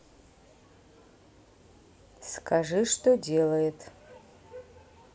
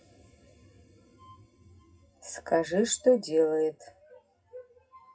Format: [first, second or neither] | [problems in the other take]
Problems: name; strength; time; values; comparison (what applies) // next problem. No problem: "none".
first | noise reduction (classical method WPE with log-MMSE)